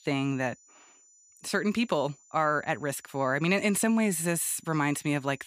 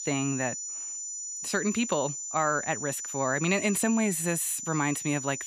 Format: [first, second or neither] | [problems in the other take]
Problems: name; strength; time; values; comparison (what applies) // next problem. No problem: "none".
first | high-pitched whine; loud; throughout; 7 kHz, 5 dB below the speech; faint in the first